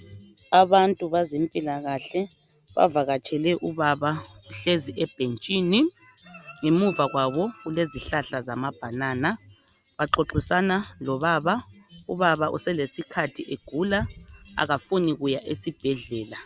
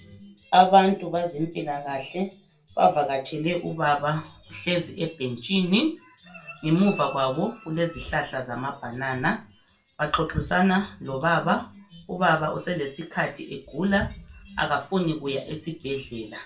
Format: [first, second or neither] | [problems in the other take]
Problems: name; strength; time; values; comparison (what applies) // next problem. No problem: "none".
first | room echo; dies away in 0.3 s